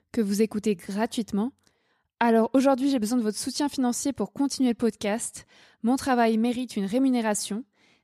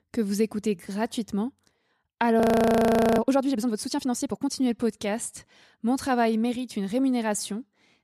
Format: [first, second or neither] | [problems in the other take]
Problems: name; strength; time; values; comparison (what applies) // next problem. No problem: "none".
first | audio freezing; at 2.5 s for 1 s